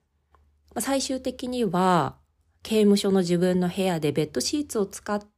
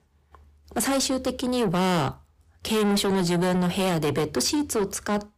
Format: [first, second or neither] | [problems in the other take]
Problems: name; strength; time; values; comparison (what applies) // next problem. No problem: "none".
first | distortion; heavy; 6 dB below the speech